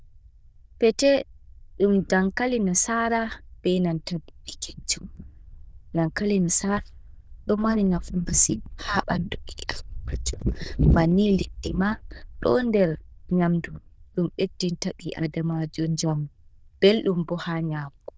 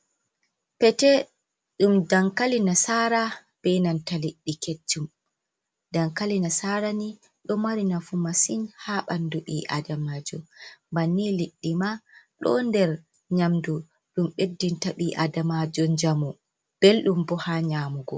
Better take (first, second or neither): second